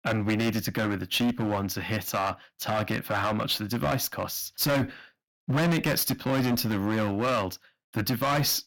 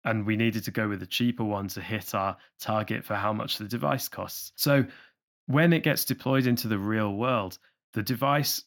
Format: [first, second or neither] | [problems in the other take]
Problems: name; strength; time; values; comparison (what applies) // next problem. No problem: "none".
second | distortion; heavy; 14% of the sound clipped